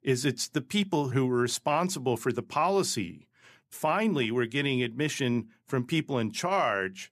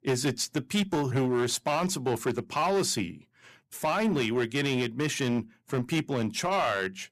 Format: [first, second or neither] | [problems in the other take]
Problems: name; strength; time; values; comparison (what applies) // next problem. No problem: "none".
first | distortion; slight; 10% of the sound clipped